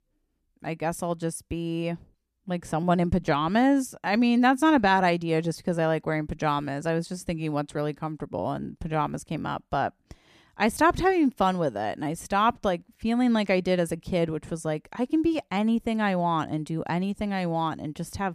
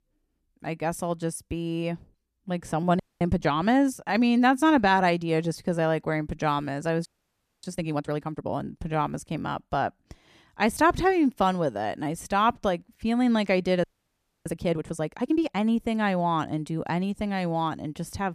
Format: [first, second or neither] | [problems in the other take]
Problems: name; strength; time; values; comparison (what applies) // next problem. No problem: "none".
first | audio freezing; at 3 s, at 7 s for 0.5 s and at 14 s for 0.5 s